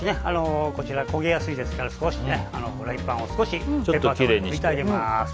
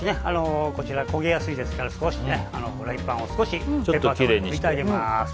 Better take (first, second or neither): first